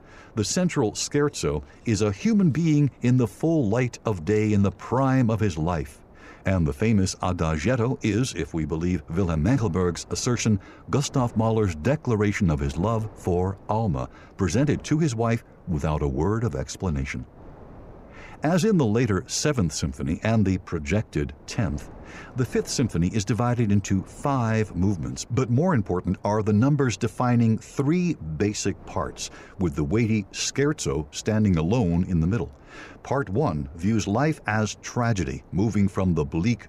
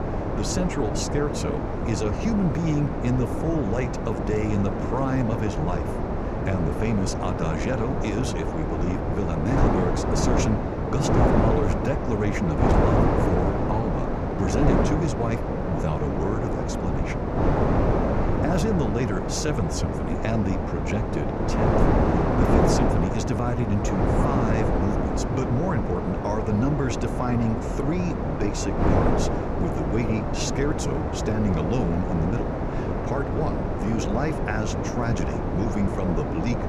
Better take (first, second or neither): first